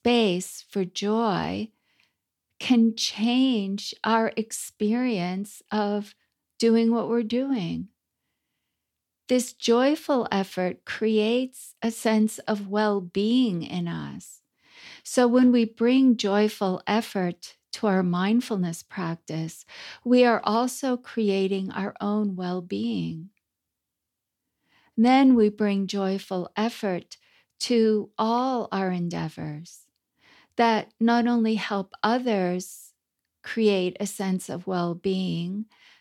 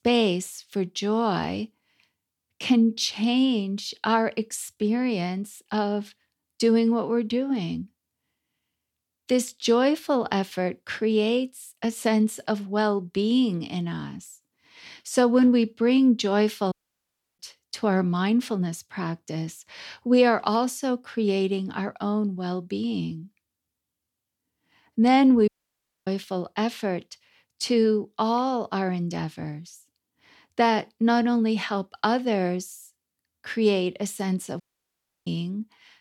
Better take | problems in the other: first | audio cutting out; at 17 s for 0.5 s, at 25 s for 0.5 s and at 35 s for 0.5 s

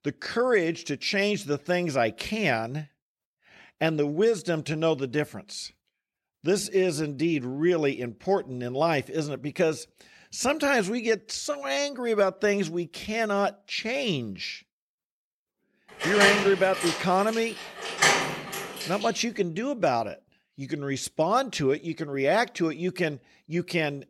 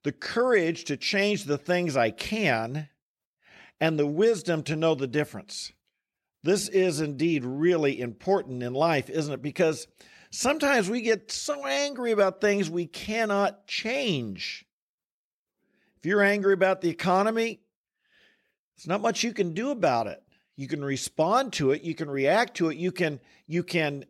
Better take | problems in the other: second | door banging; loud; from 16 to 19 s; peak 6 dB above the speech

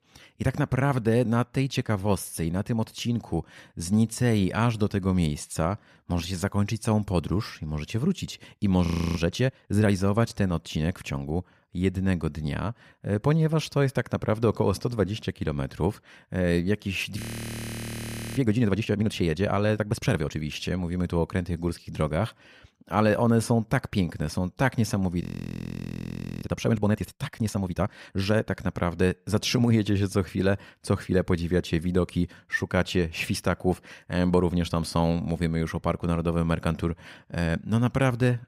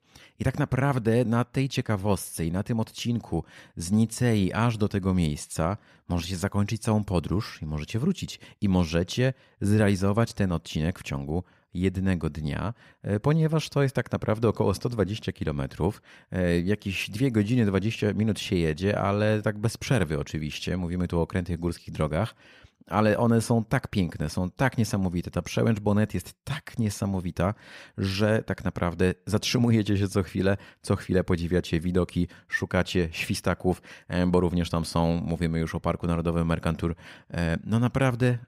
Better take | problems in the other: second | audio freezing; at 9 s, at 17 s for 1 s and at 25 s for 1 s

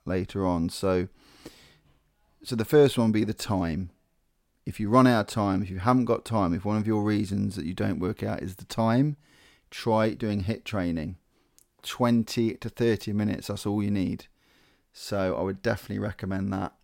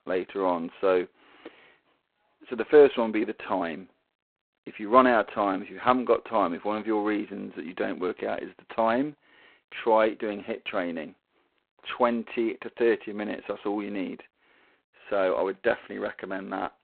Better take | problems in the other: first | phone-call audio; poor line; nothing above 4 kHz

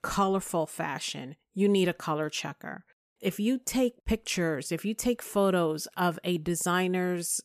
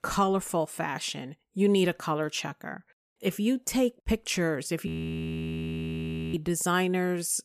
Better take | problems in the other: first | audio freezing; at 5 s for 1.5 s

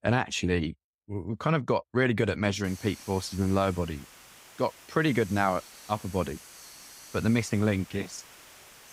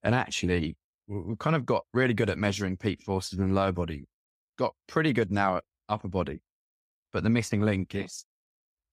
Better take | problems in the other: second | hiss; noticeable; from 2.5 s on; 20 dB below the speech

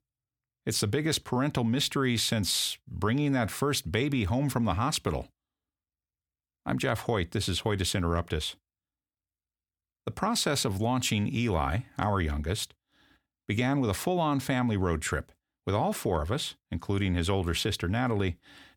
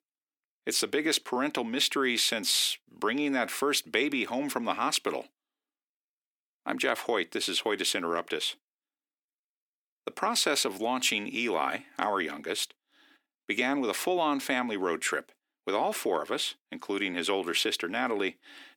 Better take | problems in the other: first | thin; somewhat; fading below 300 Hz

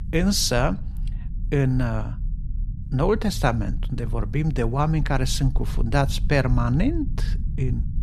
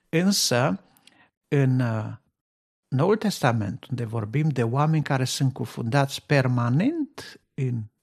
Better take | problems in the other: second | low rumble; faint; throughout; 20 dB below the speech

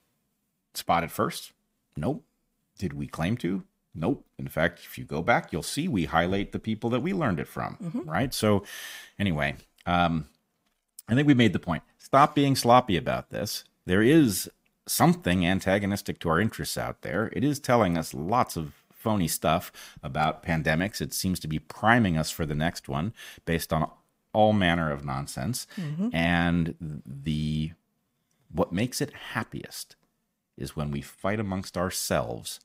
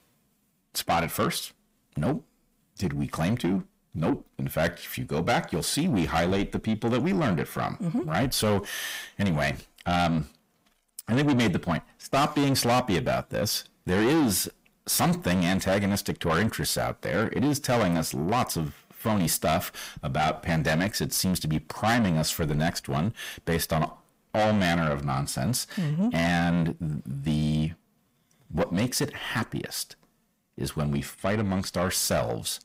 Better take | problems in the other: first | distortion; heavy; 6 dB below the speech

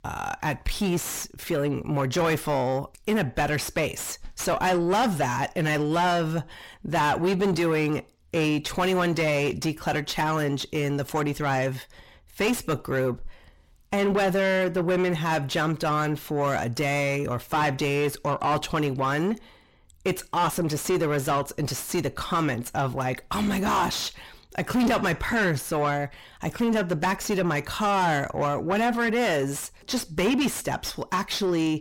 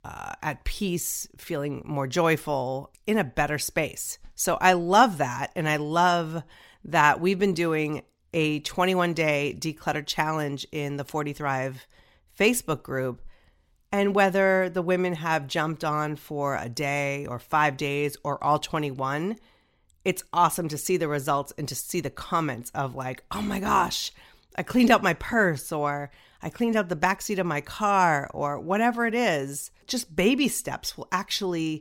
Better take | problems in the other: second | distortion; heavy; 5 dB below the speech

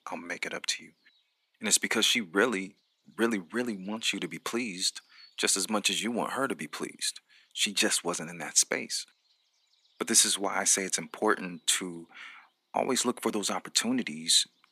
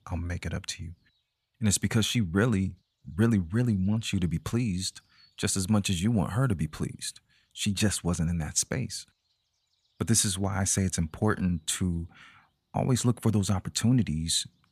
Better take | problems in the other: second | thin; somewhat; fading below 300 Hz

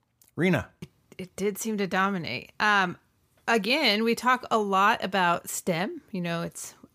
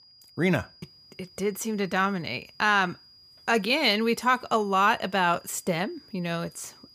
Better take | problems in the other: first | high-pitched whine; faint; throughout; 5 kHz, 25 dB below the speech

